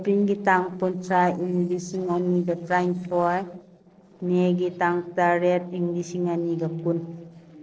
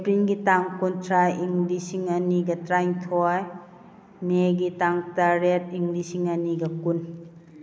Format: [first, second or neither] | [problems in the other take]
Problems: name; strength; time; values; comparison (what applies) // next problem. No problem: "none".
second | noise reduction (neural separator model SepFormer DNS4)